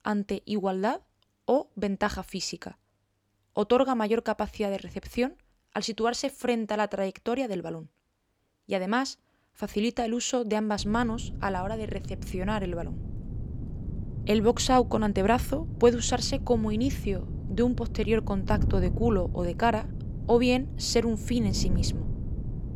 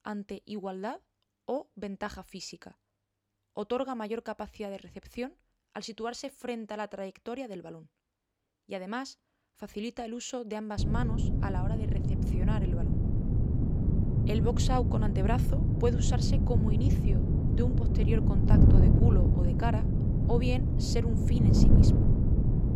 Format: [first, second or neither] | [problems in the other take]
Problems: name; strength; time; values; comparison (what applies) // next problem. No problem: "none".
first | wind noise on the microphone; heavy; from 11 s on; as loud as the speech; occasional gusts in the first